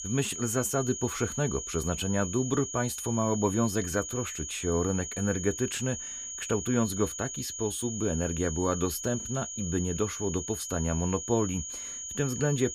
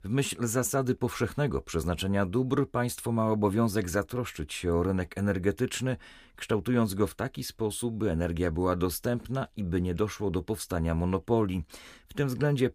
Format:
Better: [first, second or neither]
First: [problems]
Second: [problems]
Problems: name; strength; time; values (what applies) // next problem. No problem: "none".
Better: second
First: high-pitched whine; loud; throughout; 7 kHz, 5 dB below the speech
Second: none